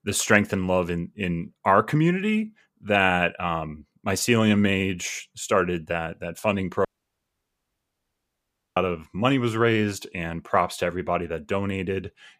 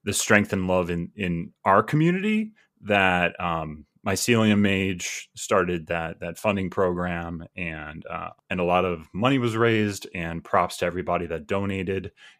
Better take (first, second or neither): second